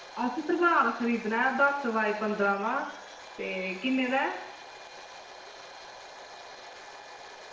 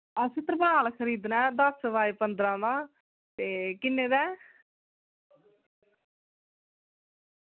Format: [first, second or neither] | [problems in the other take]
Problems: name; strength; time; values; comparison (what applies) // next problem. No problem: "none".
second | background sound (Domestic sounds, home sounds); 15 dB below the speech // room echo; dies away in 0.8 s